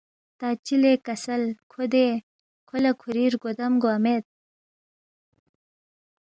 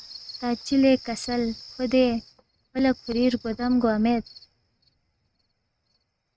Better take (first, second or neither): first